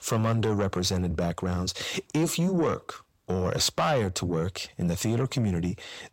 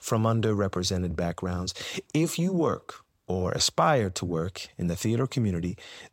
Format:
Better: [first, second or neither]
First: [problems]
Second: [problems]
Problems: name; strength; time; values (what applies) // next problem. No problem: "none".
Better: second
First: distortion; slight; 10 dB below the speech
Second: none